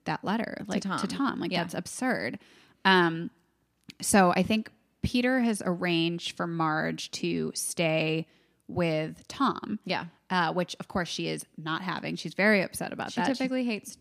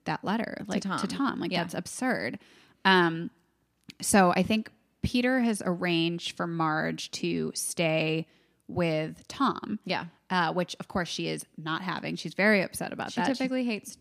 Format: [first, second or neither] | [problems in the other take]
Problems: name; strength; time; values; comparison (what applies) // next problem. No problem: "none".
neither | none